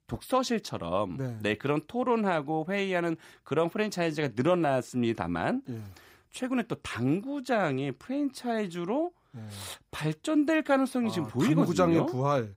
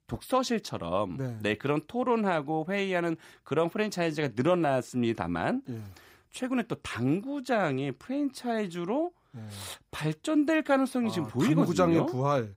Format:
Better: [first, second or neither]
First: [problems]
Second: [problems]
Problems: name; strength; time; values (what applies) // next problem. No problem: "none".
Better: neither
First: none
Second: none